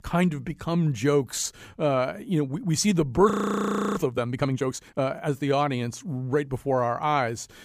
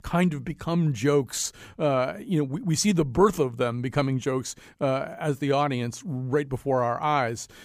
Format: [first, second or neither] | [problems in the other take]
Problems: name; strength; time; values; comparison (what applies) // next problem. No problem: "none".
second | audio freezing; at 3.5 s for 0.5 s